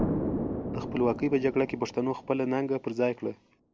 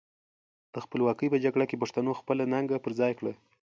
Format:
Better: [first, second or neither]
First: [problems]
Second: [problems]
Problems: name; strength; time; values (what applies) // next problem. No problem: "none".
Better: second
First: background sound (Explosion); 5 dB below the speech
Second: none